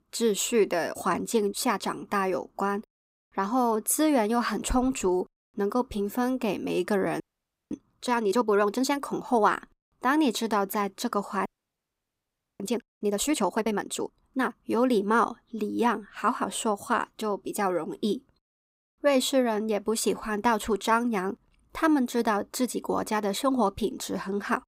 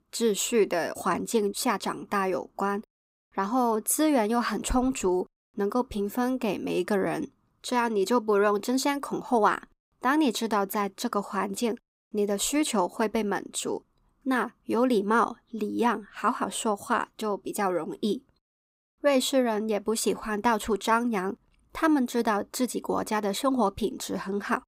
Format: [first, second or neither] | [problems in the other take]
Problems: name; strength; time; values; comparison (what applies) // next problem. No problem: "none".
second | audio freezing; at 7 s for 0.5 s and at 11 s for 1 s